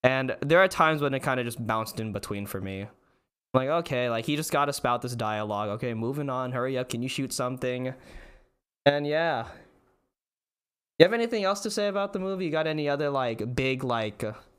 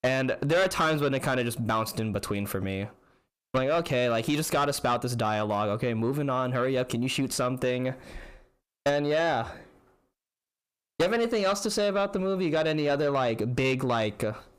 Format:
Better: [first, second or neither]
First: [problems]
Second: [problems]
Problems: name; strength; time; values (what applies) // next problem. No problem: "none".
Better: first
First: none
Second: distortion; heavy; 6 dB below the speech